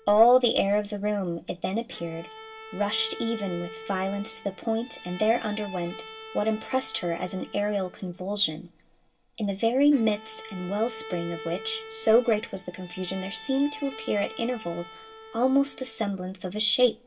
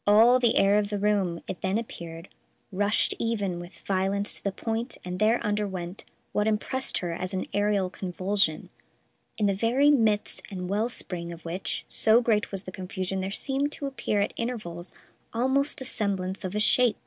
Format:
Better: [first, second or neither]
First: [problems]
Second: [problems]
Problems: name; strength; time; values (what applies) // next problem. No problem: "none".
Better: second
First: background sound (Bowed string instrument); 17 dB below the speech // room echo; dies away in 0.2 s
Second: none